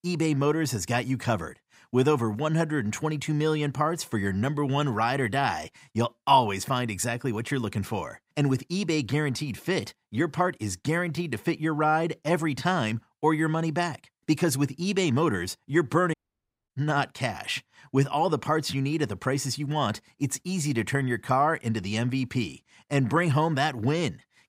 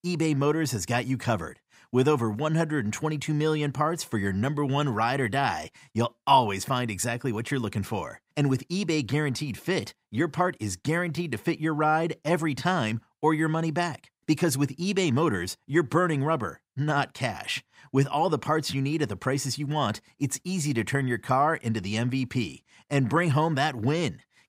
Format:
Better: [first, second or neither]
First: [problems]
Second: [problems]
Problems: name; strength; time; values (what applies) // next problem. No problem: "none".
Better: second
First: audio cutting out; at 16 s for 0.5 s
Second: none